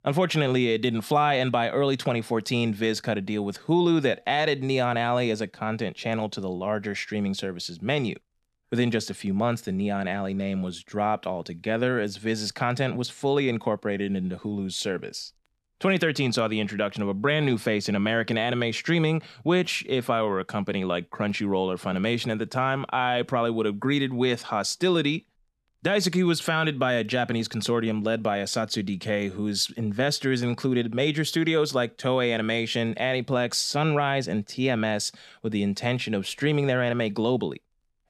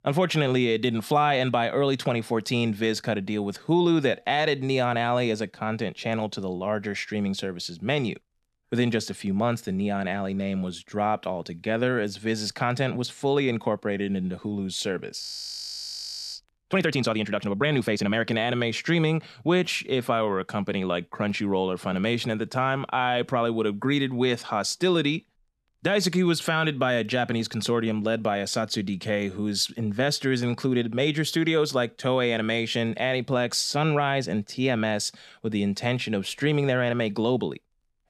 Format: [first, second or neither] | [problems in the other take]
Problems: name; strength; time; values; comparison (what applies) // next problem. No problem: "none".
first | audio freezing; at 15 s for 1 s